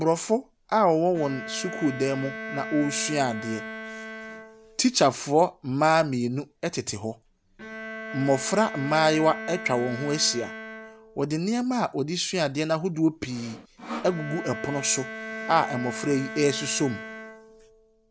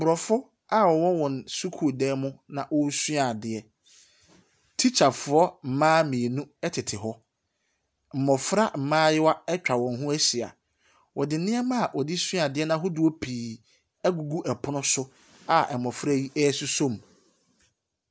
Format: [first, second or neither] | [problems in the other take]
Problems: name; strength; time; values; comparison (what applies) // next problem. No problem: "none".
second | background sound (Sawing + Bowed string instrument); 12 dB below the speech